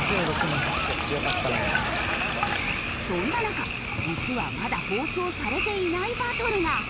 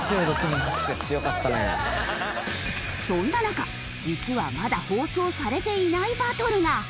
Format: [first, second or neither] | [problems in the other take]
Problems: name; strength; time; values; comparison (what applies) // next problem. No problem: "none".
second | background sound (Frog + Sink (filling or washing)); 1 dB below the speech